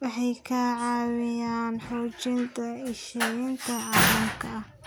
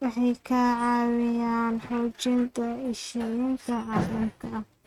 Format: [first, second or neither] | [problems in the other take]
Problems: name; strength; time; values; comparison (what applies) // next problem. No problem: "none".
first | noise reduction (neural mask model RNNoise)